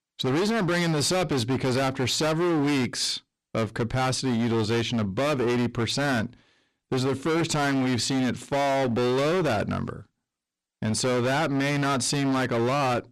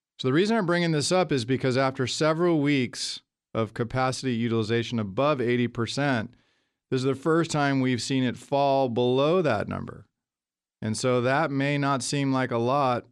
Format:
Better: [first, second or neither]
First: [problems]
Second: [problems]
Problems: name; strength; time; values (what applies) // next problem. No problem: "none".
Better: second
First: distortion; heavy; 30% of the sound clipped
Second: none